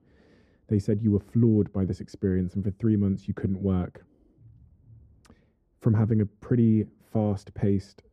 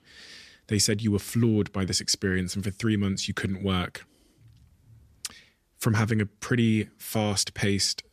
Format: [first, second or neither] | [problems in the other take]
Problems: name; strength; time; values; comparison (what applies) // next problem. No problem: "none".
second | muffled; very; fading above 1.5 kHz